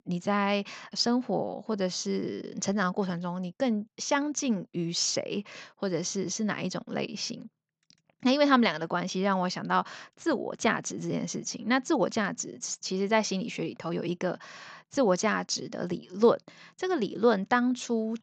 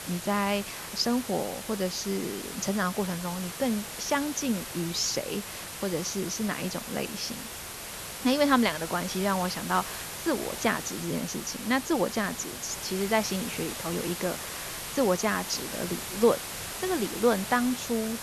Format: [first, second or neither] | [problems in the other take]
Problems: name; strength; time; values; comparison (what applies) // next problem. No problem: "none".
first | hiss; loud; throughout; 7 dB below the speech